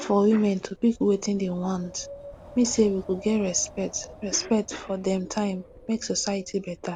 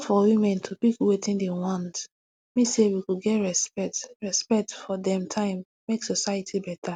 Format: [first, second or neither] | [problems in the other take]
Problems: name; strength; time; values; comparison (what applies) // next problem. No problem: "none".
second | background sound (Wind + Cough); 18 dB below the speech